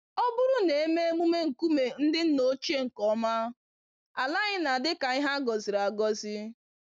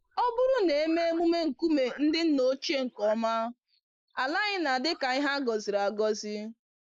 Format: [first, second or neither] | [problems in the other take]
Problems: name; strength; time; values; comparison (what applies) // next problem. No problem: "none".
first | noise reduction (neural mask model Resemble Enhance denoiser)